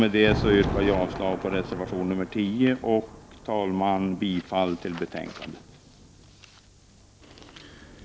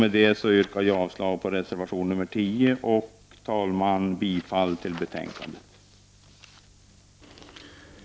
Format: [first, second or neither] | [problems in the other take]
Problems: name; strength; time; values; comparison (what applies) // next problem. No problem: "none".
second | background sound (Thunder); 9 dB below the speech